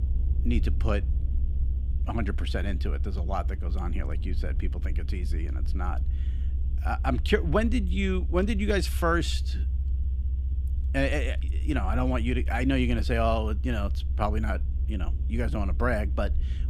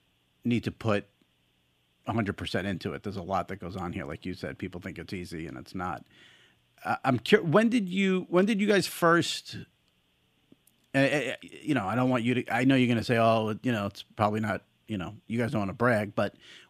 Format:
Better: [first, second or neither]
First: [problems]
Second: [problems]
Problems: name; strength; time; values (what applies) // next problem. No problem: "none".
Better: second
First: low rumble; noticeable; throughout; 15 dB below the speech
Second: none